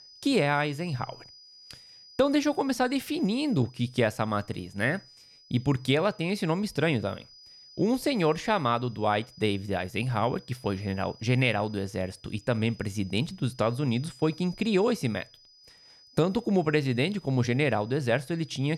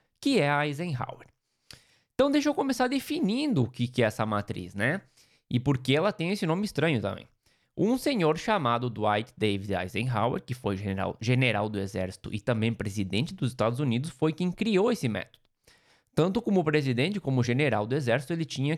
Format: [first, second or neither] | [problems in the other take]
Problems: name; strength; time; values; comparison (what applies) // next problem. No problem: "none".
second | high-pitched whine; faint; throughout; 5 kHz, 25 dB below the speech